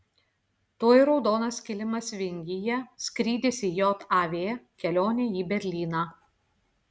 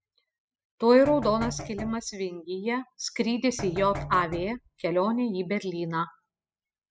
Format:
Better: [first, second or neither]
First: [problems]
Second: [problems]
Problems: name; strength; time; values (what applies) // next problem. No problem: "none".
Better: first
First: none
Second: noise reduction (classical method spectral subtraction)